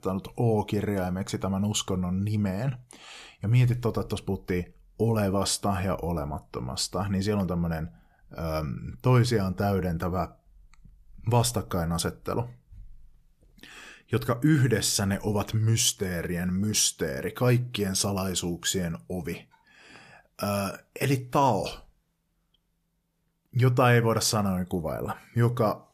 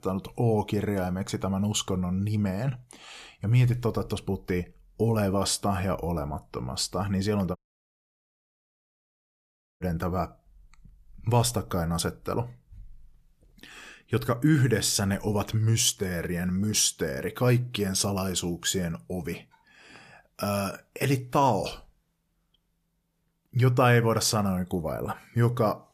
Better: first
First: none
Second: audio cutting out; at 7.5 s for 2 s

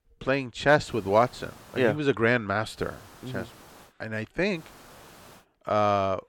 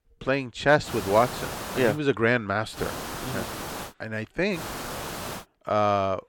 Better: first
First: hiss; faint; from 1 to 2 s, from 3 to 4 s and at 4.5 s; 25 dB below the speech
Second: hiss; loud; from 1 to 2 s, from 3 to 4 s and at 4.5 s; 9 dB below the speech

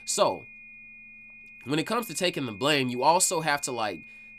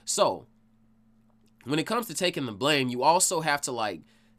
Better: second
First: high-pitched whine; noticeable; throughout; 2.5 kHz, 20 dB below the speech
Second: none

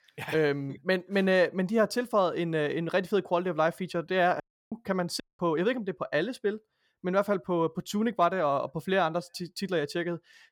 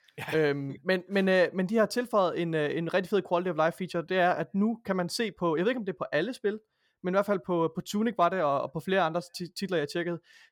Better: second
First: audio cutting out; at 4.5 s and at 5 s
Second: none

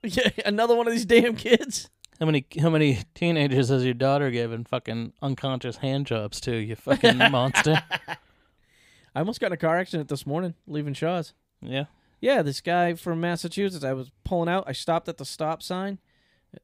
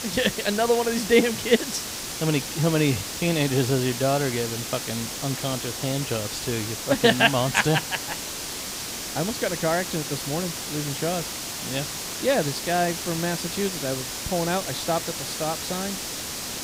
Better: first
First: none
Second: hiss; loud; throughout; 5 dB below the speech

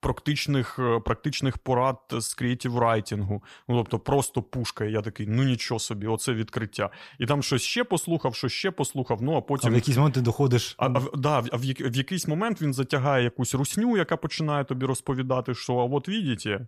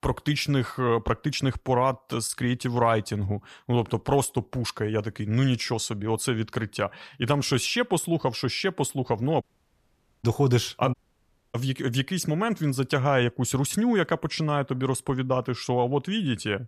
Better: first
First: none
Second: audio cutting out; at 9.5 s for 1 s and at 11 s for 0.5 s

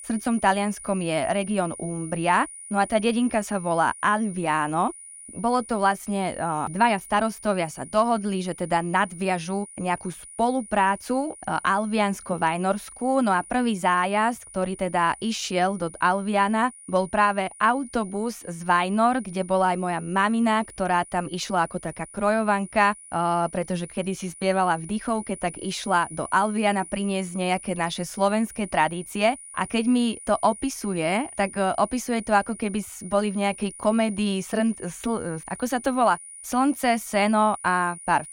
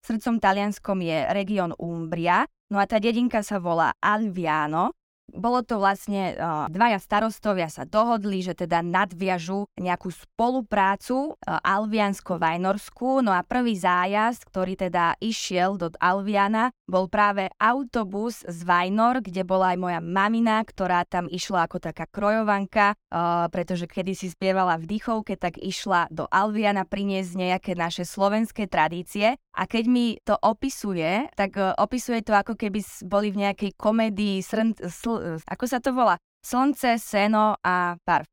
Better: second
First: high-pitched whine; noticeable; throughout; 9.5 kHz, 15 dB below the speech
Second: none

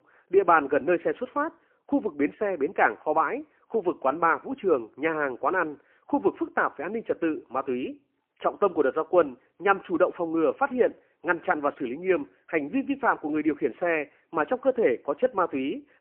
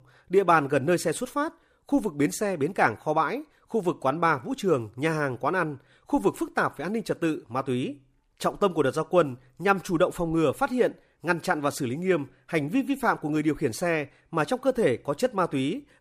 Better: second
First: phone-call audio; poor line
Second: none

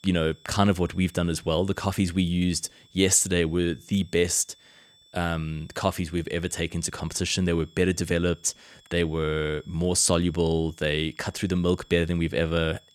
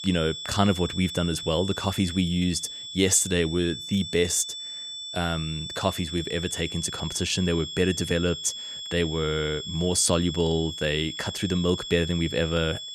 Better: first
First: high-pitched whine; faint; throughout; 3.5 kHz, 30 dB below the speech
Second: high-pitched whine; loud; throughout; 3.5 kHz, 8 dB below the speech

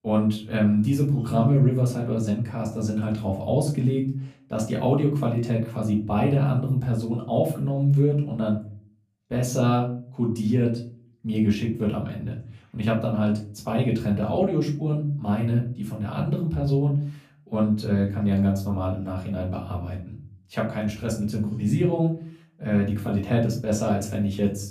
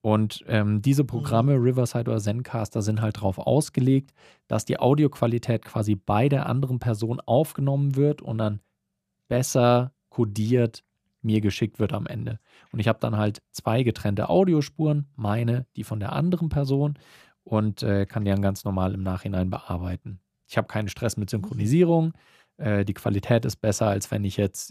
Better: second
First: off-mic speech; far // room echo; slight; dies away in 0.4 s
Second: none

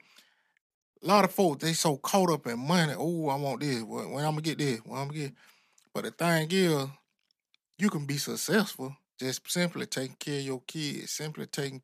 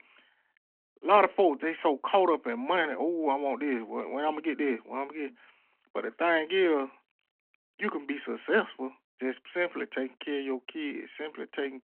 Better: first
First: none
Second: phone-call audio

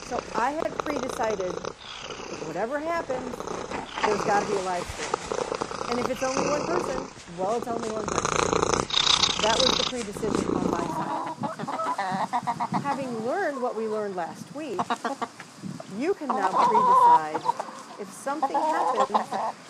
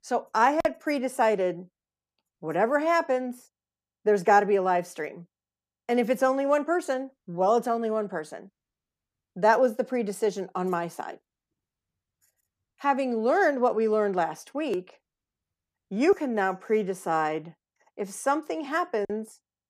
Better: second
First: animal sounds; very loud; throughout; 4 dB above the speech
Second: none

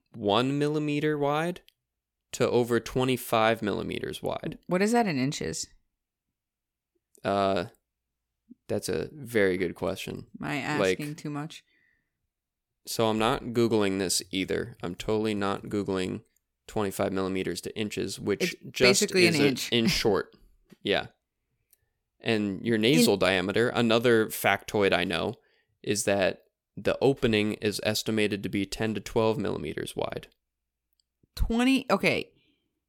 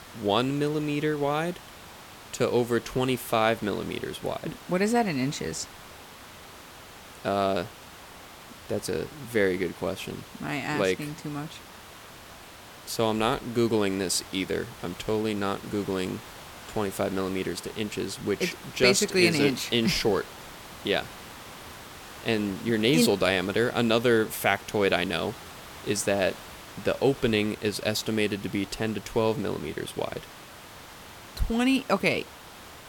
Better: first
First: none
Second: hiss; noticeable; throughout; 15 dB below the speech

